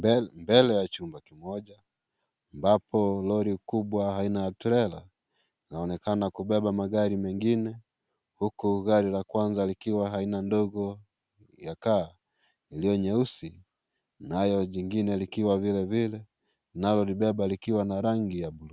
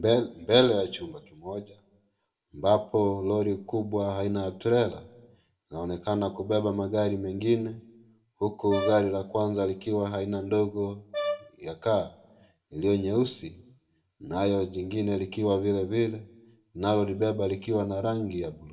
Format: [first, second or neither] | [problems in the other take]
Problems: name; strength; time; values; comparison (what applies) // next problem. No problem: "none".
first | background sound (Brass instrument); 8 dB below the speech // room echo; dies away in 0.5 s